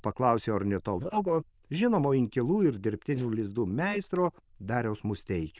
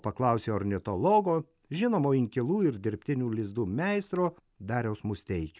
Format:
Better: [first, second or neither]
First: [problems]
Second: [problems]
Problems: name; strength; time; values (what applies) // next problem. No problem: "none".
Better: second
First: noise reduction (neural diffusion model UNIVERSE++)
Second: none